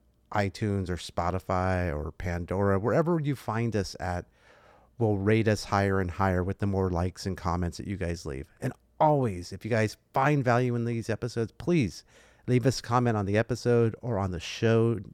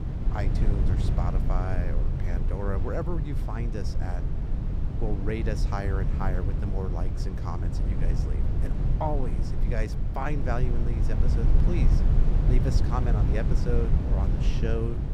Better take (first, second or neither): first